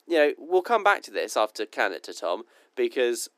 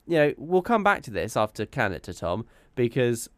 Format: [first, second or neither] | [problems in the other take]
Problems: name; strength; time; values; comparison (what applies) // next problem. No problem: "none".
second | thin; somewhat; fading below 300 Hz